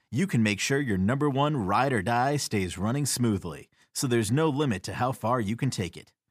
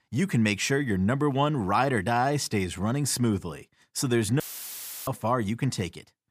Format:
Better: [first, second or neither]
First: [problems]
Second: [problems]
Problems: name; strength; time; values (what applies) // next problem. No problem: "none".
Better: first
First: none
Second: audio cutting out; filled with static; at 4.5 s for 0.5 s